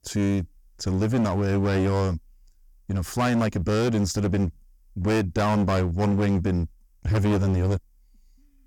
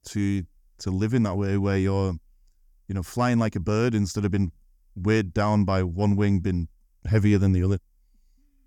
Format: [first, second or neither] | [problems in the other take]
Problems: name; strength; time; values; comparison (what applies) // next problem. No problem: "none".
second | distortion; heavy; 19% of the sound clipped